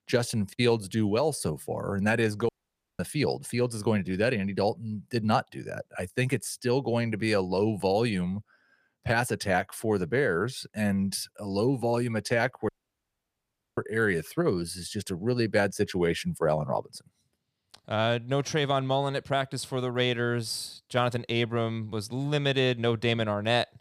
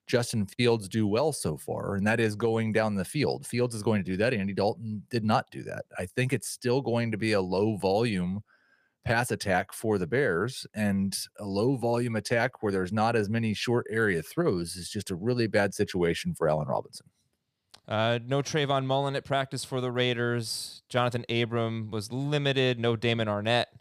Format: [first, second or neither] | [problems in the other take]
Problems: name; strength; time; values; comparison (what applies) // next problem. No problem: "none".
second | audio cutting out; at 2.5 s for 0.5 s and at 13 s for 1 s